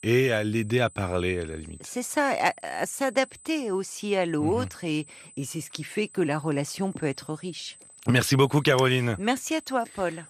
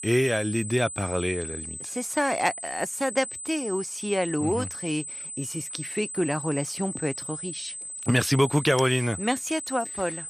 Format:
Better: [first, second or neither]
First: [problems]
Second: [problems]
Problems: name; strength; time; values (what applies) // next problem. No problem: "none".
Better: first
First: high-pitched whine; faint; throughout; 8 kHz, 20 dB below the speech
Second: high-pitched whine; loud; throughout; 8 kHz, 7 dB below the speech